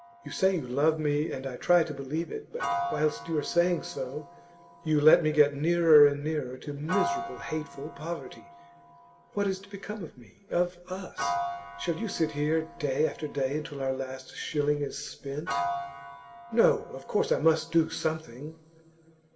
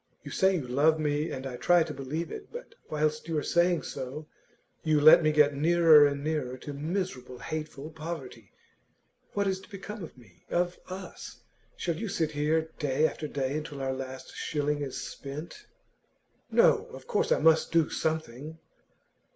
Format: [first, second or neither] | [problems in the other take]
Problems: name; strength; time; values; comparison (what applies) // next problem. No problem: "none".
second | background sound (Piano); 11 dB below the speech // room echo; dies away in 2.1 s